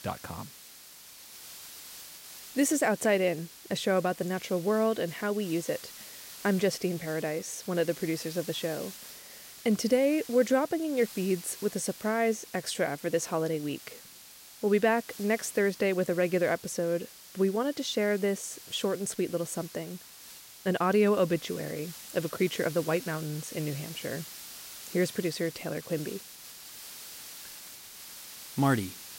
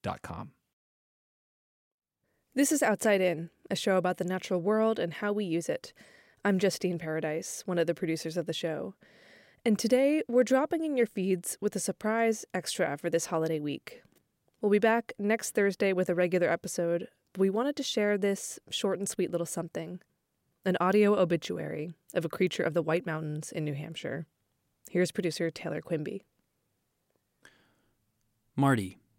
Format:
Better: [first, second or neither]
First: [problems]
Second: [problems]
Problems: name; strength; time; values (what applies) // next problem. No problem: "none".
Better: second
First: hiss; noticeable; throughout; 15 dB below the speech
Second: none